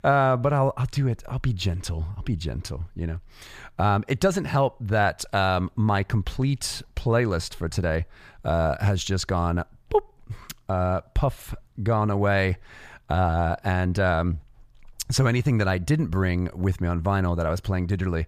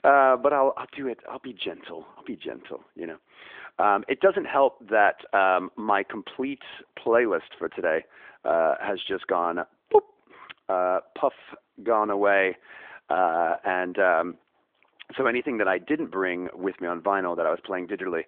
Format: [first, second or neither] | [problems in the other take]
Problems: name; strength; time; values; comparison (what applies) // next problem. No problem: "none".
first | phone-call audio; nothing above 3.5 kHz